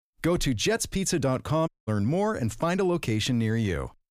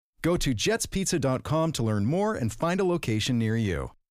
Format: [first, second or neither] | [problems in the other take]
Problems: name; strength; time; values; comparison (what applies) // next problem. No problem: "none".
second | audio cutting out; at 1.5 s